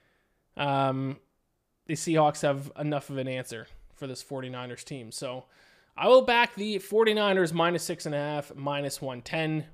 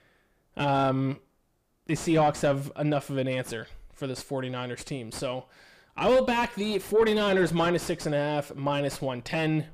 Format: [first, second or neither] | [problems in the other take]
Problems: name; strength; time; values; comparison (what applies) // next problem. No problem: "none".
first | distortion; heavy; 6 dB below the speech